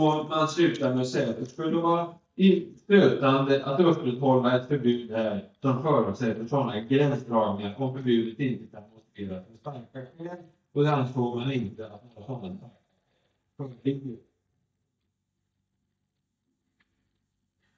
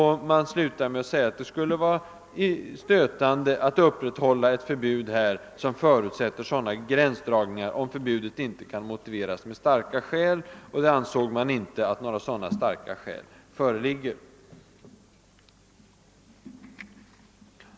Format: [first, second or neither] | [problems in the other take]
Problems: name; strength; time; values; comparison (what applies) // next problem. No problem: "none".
second | noise reduction (neural mask model DeepFilterNet 3)